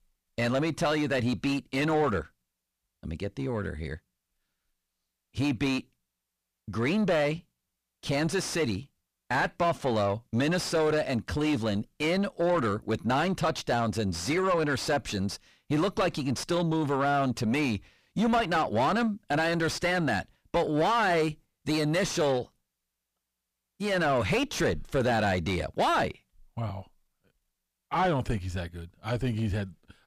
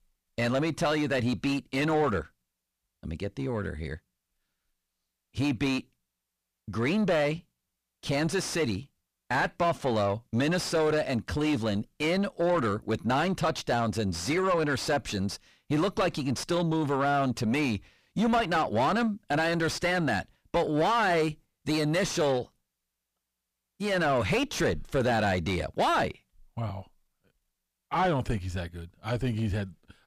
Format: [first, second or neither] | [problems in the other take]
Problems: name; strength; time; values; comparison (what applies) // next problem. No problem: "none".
neither | distortion; heavy; 5 dB below the speech; the same in both